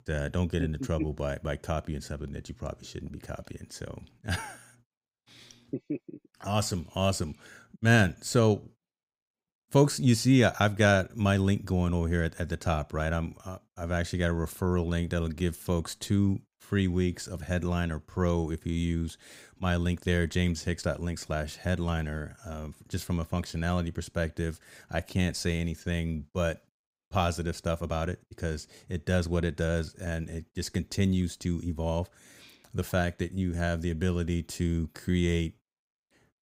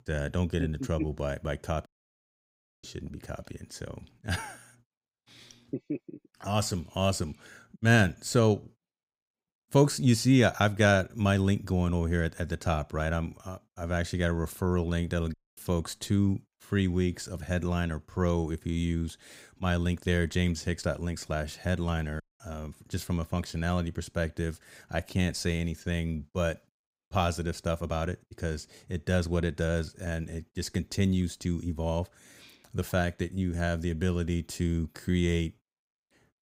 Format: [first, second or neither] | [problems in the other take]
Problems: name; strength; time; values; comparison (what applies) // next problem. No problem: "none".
first | audio cutting out; at 2 s for 1 s, at 15 s and at 22 s